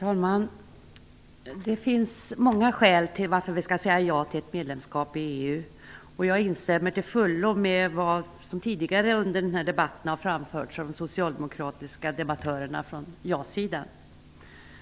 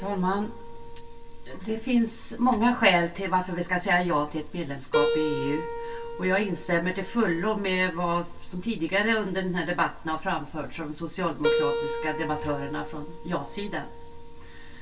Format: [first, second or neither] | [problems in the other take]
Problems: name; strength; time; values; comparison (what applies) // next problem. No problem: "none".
first | background sound (Keyboard (musical)); 7 dB below the speech // room echo; dies away in 0.1 s